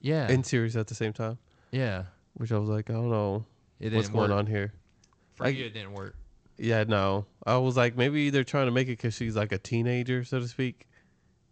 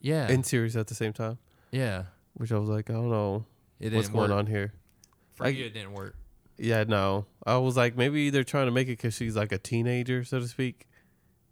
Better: second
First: garbled, watery; slightly; nothing above 8 kHz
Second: none

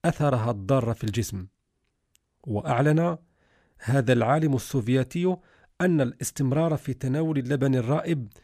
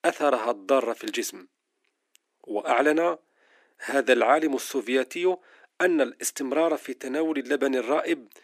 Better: first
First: none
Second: thin; somewhat; fading below 300 Hz

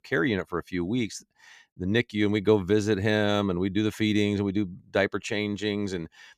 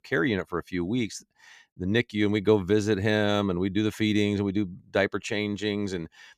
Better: neither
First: none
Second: none

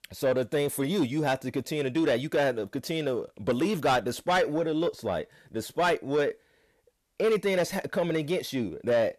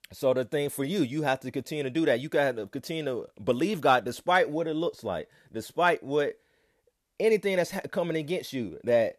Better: second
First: distortion; slight; 10 dB below the speech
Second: none

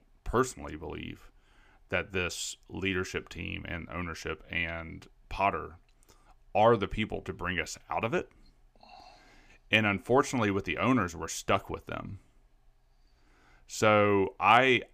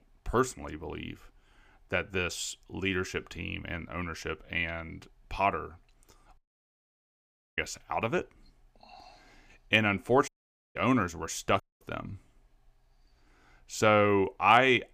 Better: first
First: none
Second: audio cutting out; at 6.5 s for 1 s, at 10 s and at 12 s

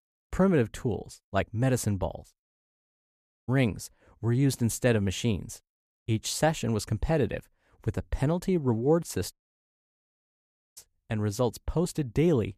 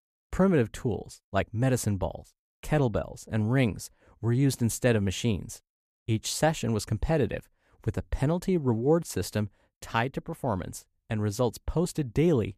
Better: second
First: audio cutting out; at 2.5 s for 1 s and at 9.5 s for 1.5 s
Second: none

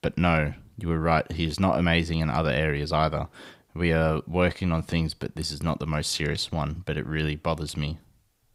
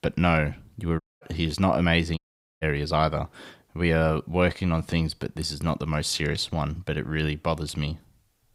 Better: first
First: none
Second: audio cutting out; at 1 s and at 2 s

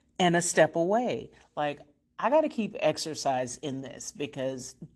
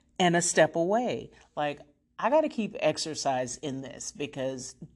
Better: second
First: garbled, watery; slightly; nothing above 13 kHz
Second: none

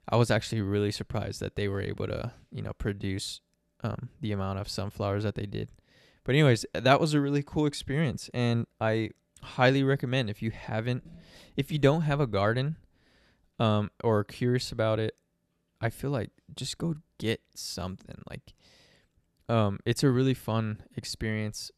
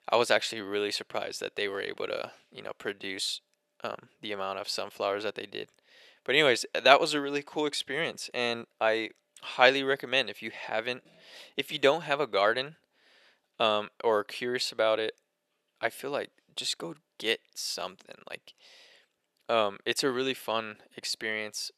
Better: first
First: none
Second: thin; very; fading below 550 Hz

